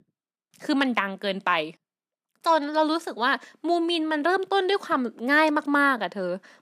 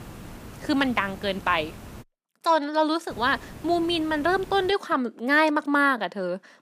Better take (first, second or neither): first